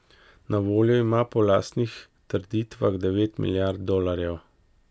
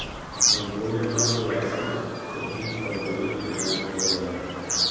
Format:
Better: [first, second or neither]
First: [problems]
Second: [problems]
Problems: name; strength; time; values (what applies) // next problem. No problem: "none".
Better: first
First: none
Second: background sound (Bird vocalization, bird call, bird song); 1 dB above the speech // room echo; dies away in 2.1 s